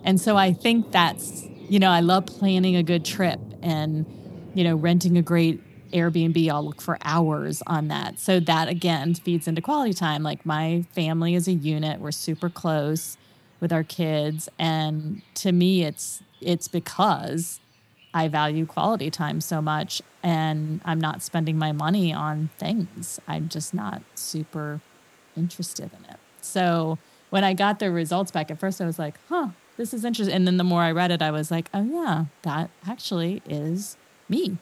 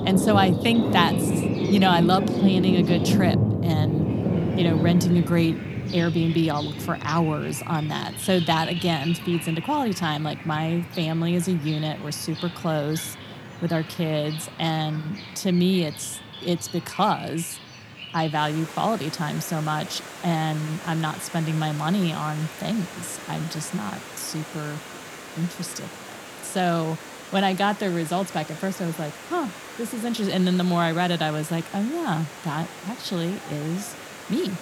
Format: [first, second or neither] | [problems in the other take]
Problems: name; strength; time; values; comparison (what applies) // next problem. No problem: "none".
first | rain or running water; loud; throughout; 5 dB below the speech; faint in the first